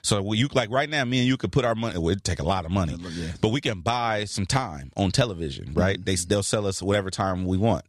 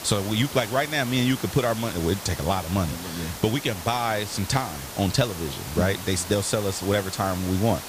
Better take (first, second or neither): first